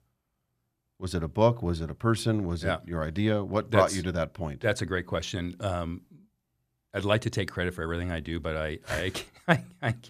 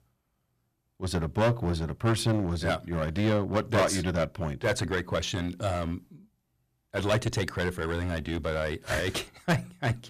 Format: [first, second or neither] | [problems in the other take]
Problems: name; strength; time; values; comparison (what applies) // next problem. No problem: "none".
first | distortion; heavy; 8% of the sound clipped